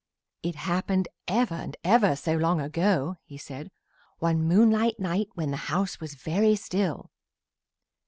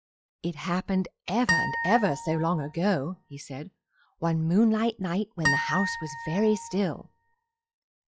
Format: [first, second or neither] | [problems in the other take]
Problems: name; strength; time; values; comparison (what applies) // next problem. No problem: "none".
first | noise reduction (classical method log-MMSE)